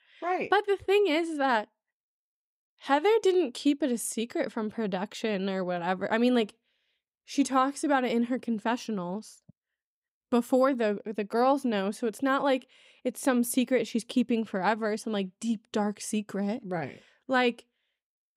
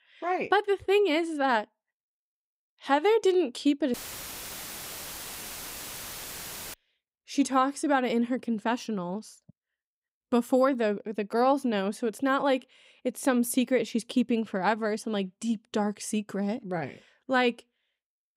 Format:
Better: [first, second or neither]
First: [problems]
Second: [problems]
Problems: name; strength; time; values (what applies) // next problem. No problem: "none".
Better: first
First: none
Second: audio cutting out; filled with static; at 4 s for 3 s